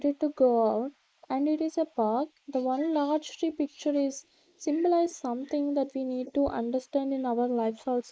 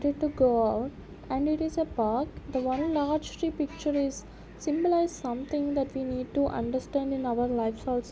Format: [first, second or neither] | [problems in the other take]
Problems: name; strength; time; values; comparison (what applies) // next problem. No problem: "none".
second | noise reduction (neural mask model Resemble Enhance denoiser)